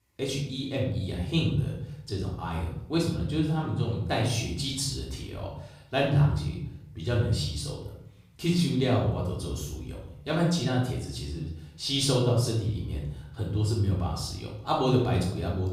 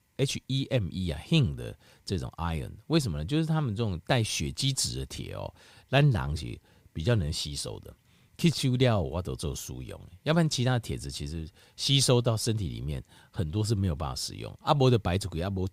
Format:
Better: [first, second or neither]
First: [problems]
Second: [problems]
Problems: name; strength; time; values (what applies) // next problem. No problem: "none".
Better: second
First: off-mic speech; far // room echo; noticeable; dies away in 0.7 s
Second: none